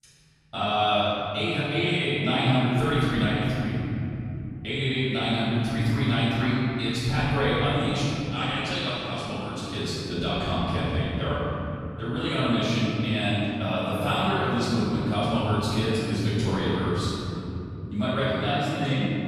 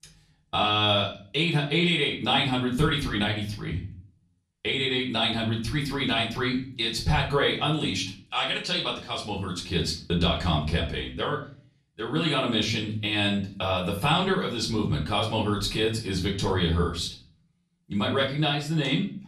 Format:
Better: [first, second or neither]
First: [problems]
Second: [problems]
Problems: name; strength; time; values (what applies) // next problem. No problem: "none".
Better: second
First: room echo; strong; dies away in 3 s // off-mic speech; far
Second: room echo; slight; dies away in 0.4 s // off-mic speech; far